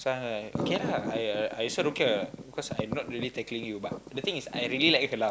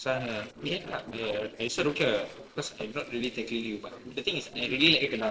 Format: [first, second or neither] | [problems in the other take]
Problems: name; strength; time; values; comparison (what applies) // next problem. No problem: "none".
first | noise reduction (neural separator model SepFormer DNS4)